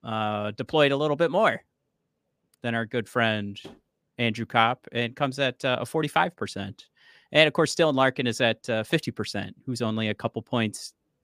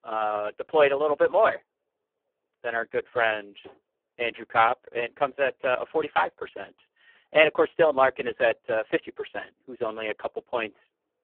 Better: first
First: none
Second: phone-call audio; poor line

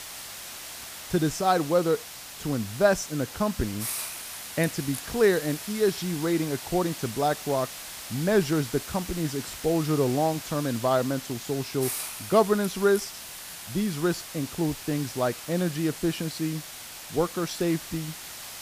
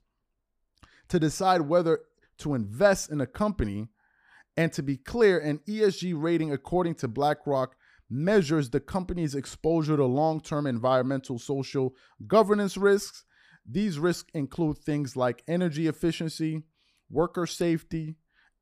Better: second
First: hiss; loud; throughout; 9 dB below the speech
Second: none

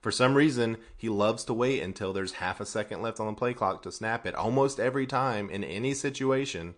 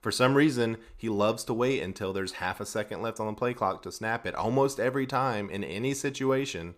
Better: second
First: garbled, watery; slightly; nothing above 9 kHz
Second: none

